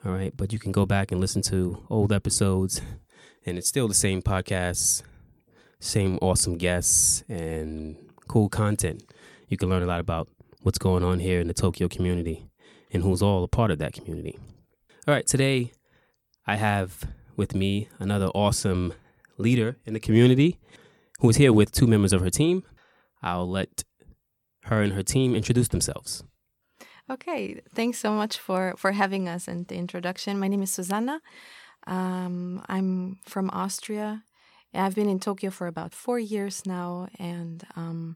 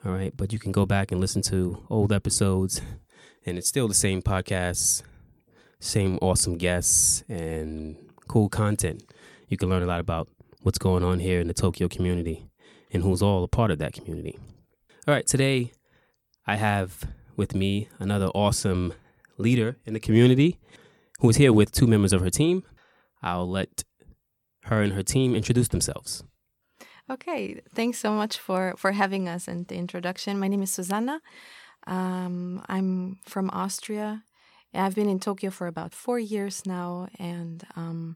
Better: neither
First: none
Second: none

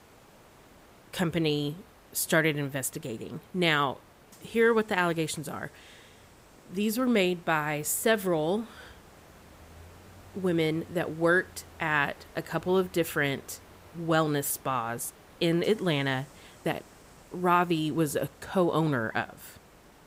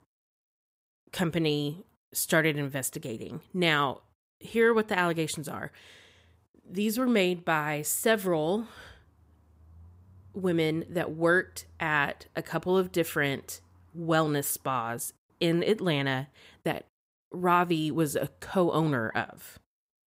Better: second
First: hiss; faint; throughout; 25 dB below the speech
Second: none

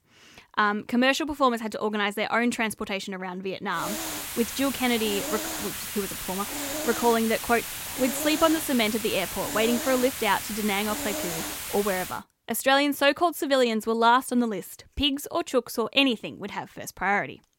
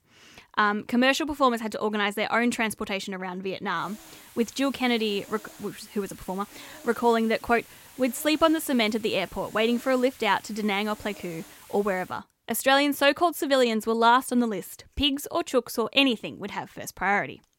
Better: second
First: hiss; loud; from 4 to 12 s; 6 dB below the speech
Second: hiss; faint; from 4 to 12 s; 20 dB below the speech

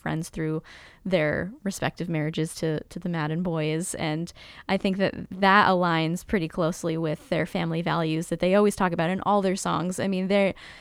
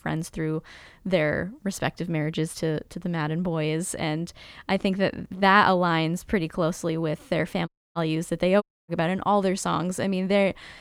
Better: first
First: none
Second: audio cutting out; at 7.5 s and at 8.5 s

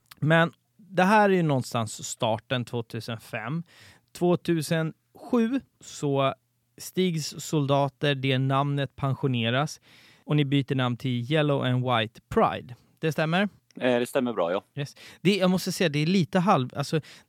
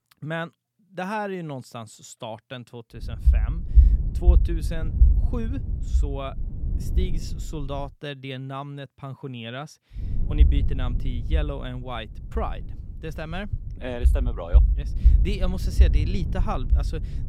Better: first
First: none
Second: low rumble; loud; from 3 to 8 s and from 10 s on; 8 dB below the speech

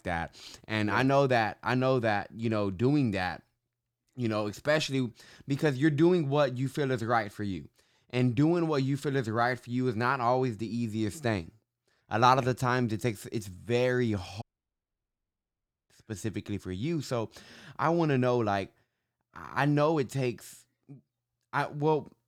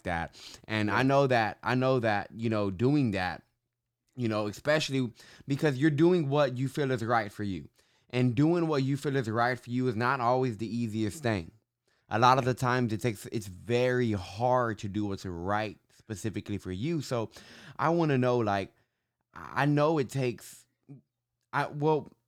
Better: second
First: audio cutting out; at 14 s for 1.5 s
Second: none

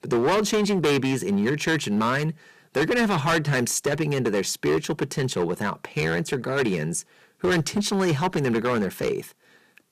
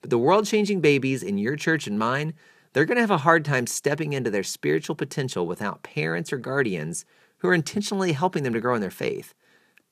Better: second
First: distortion; heavy; 12% of the sound clipped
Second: none

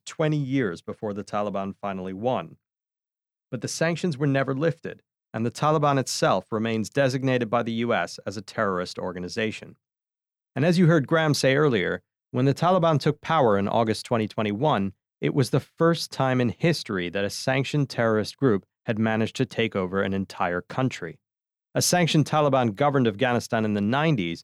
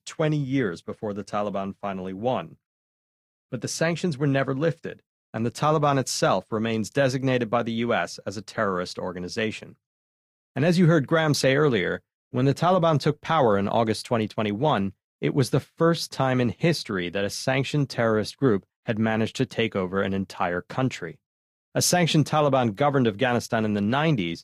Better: first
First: none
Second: garbled, watery; slightly

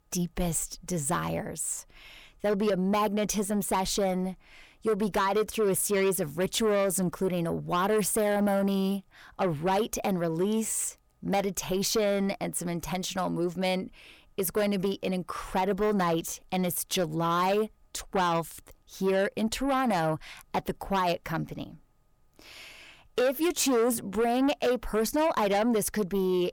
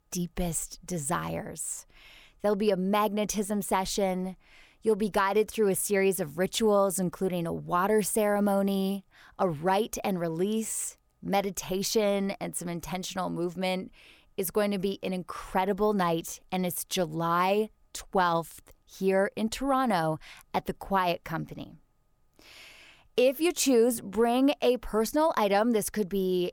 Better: second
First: distortion; slight; 10 dB below the speech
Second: none

